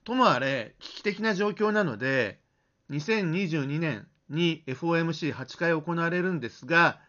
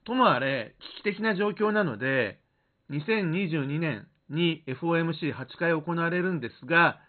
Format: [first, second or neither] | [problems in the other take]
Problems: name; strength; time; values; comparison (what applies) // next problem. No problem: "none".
first | garbled, watery; badly; nothing above 4 kHz; slightly in the first